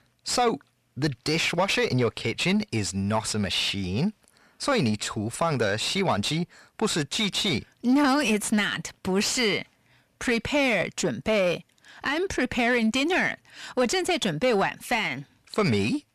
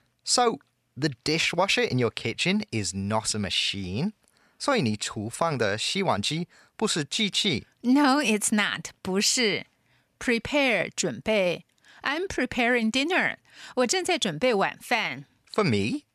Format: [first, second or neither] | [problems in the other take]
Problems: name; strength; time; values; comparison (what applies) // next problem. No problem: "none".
second | distortion; slight; 10 dB below the speech